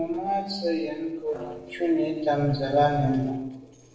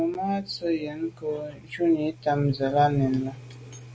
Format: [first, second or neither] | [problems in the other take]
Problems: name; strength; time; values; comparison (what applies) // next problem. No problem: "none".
second | noise reduction (neural separator model SepFormer DNS4)